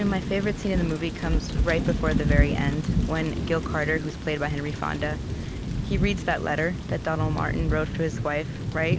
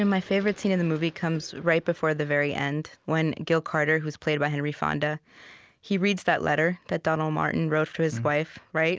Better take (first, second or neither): second